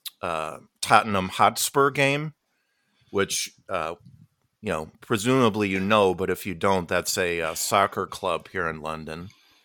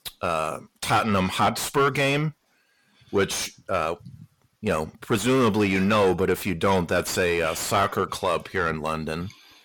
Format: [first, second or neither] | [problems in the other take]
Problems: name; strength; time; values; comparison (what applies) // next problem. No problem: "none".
first | distortion; heavy; 6 dB below the speech